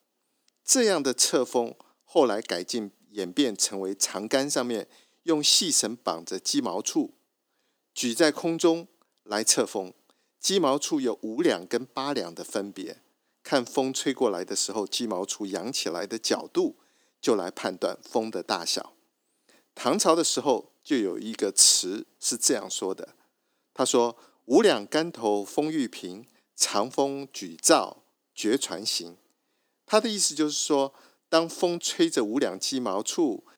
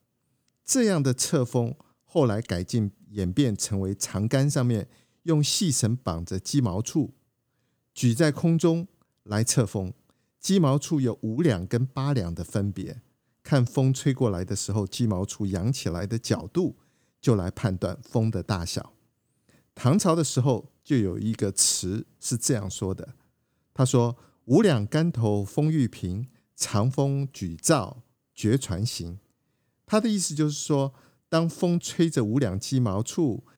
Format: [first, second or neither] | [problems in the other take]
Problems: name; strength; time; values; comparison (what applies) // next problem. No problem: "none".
second | thin; somewhat; fading below 300 Hz